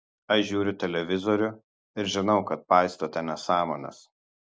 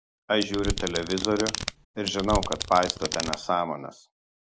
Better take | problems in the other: first | background sound (Domestic sounds, home sounds); 4 dB below the speech

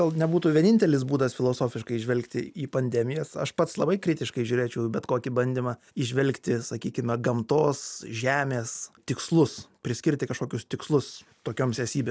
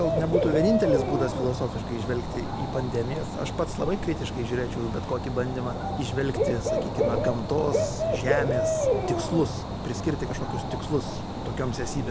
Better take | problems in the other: first | background sound (Bird / Dog); 1 dB above the speech

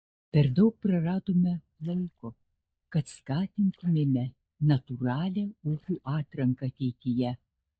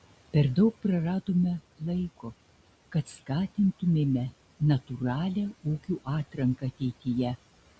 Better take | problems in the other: second | noise reduction (neural mask model DeepFilterNet 3)

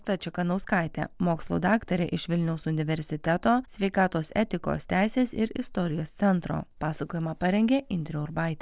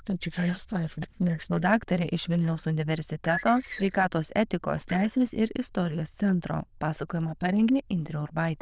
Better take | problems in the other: first | noise reduction (neural diffusion model UNIVERSE++)

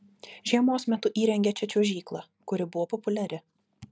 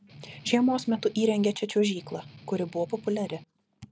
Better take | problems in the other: first | background sound (Strum); 20 dB below the speech

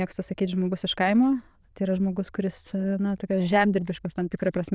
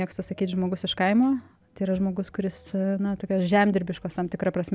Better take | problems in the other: second | noise reduction (neural diffusion model UNIVERSE++)

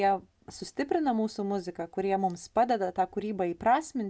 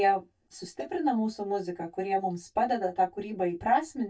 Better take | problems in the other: first | noise reduction (neural mask model DeepFilterNet 3)

